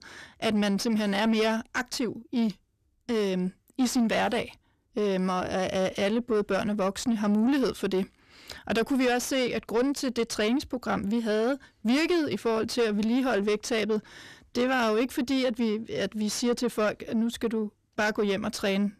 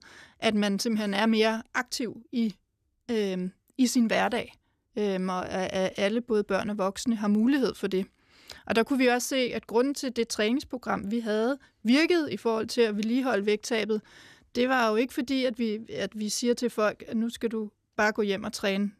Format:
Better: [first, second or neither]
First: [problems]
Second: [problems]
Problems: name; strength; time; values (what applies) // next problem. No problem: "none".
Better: second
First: distortion; slight; 10 dB below the speech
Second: none